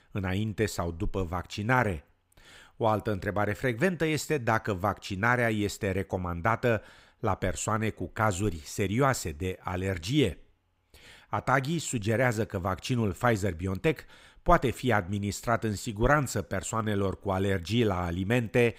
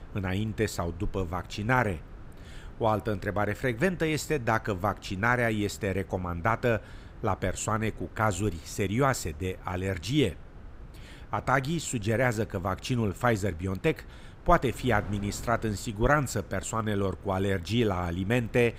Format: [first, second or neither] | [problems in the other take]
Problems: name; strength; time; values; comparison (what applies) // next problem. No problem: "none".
first | wind noise on the microphone; occasional gusts; 25 dB below the speech